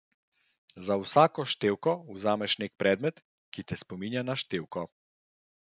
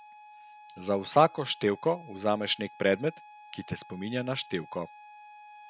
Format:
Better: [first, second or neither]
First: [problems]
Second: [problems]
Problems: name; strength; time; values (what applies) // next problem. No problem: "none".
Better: first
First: none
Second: background sound (Harmonica); 20 dB below the speech